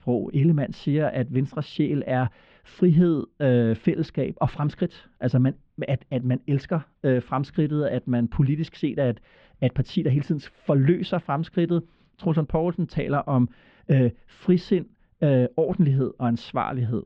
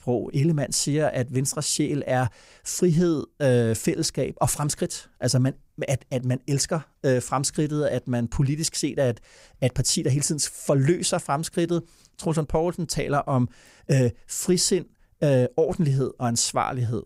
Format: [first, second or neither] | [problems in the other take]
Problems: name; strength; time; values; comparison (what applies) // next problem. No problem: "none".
second | muffled; very; fading above 3.5 kHz